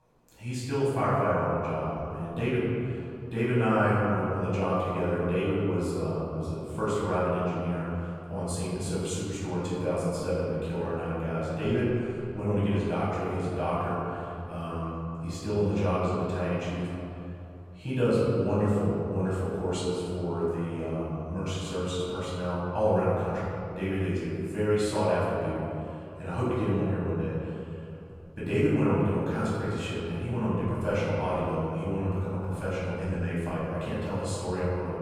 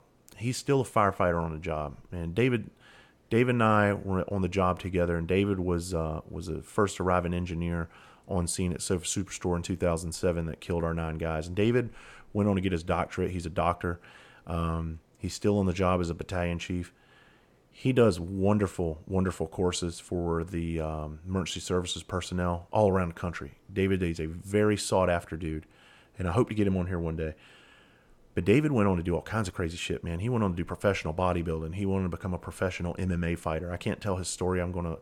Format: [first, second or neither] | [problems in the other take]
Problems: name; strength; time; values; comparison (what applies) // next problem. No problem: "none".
second | off-mic speech; far // room echo; strong; dies away in 2.7 s